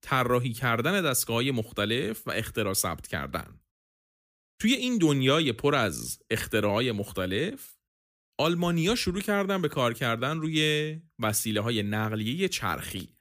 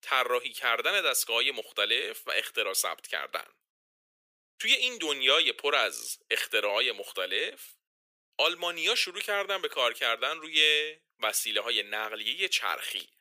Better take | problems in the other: first | thin; very; fading below 500 Hz

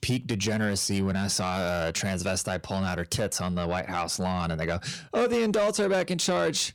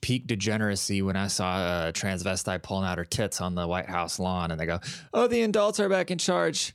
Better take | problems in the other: second | distortion; slight; 10 dB below the speech

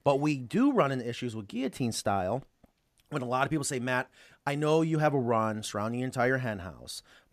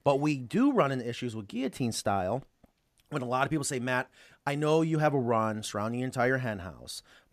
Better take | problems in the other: neither | none

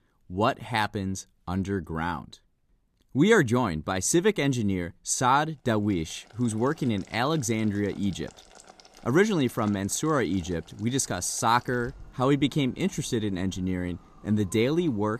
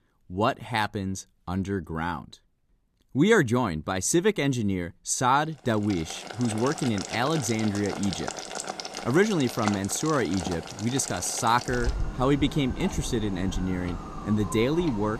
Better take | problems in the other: first | household noises; loud; from 6 s on; 9 dB below the speech; faint in the first

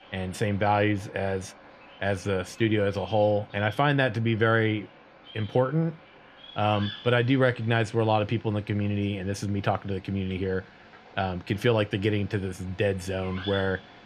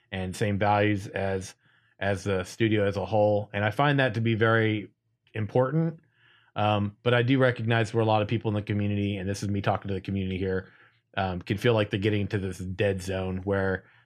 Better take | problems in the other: second | animal sounds; noticeable; throughout; 20 dB below the speech

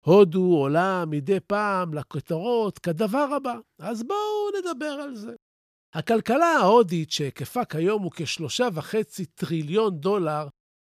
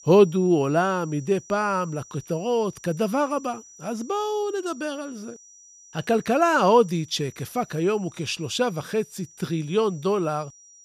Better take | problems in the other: first | high-pitched whine; faint; throughout; 6 kHz, 20 dB below the speech

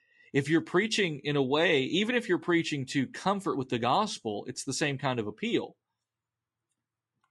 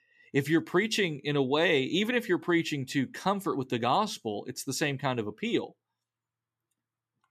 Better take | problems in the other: second | garbled, watery; slightly; nothing above 10.5 kHz

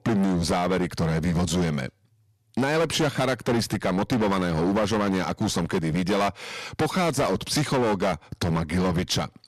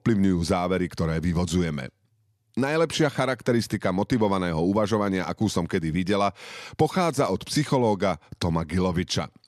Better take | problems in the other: second | distortion; heavy; 20% of the sound clipped

